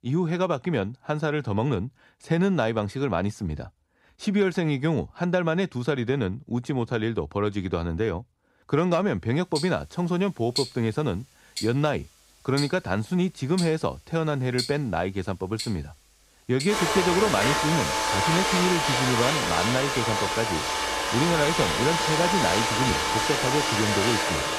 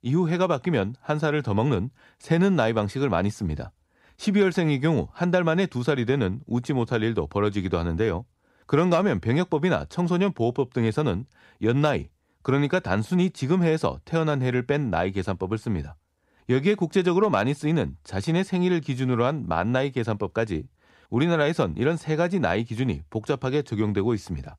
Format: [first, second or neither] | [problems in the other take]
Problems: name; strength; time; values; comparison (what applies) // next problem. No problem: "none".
second | household noises; very loud; from 9.5 s on; 1 dB above the speech